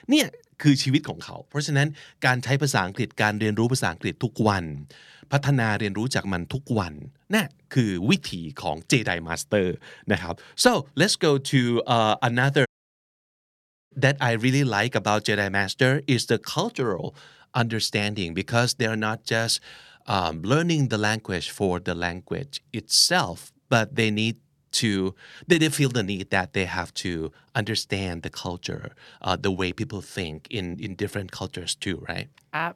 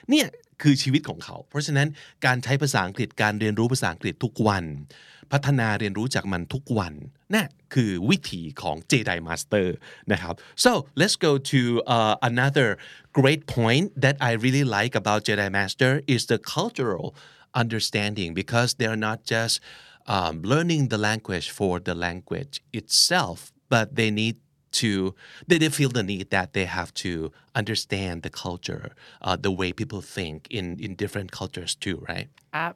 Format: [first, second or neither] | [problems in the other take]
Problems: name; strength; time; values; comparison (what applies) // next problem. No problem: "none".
second | audio cutting out; at 13 s for 1.5 s